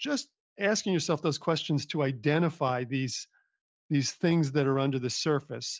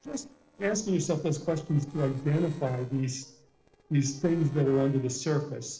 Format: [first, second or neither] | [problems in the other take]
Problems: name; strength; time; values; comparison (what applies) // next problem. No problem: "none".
first | noise reduction (neural separator model SepFormer DNS4)